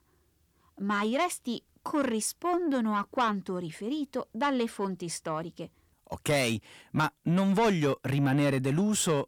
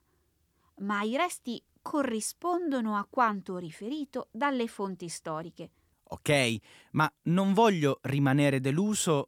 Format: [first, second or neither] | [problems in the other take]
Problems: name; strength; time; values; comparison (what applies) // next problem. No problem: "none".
second | distortion; slight; 10 dB below the speech